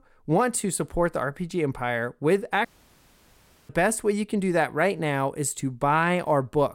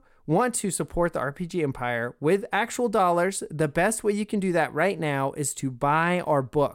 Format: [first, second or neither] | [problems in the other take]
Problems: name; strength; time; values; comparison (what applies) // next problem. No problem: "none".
second | audio cutting out; at 2.5 s for 1 s